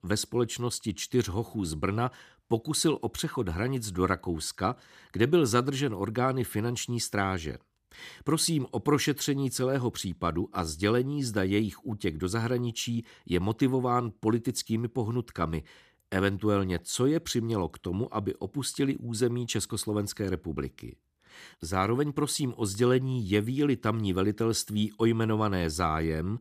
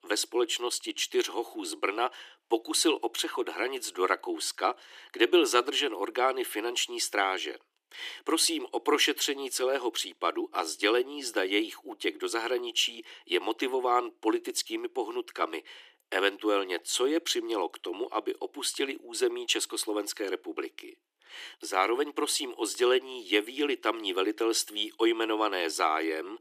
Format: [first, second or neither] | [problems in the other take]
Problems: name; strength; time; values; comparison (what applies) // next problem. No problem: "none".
first | thin; very; fading below 300 Hz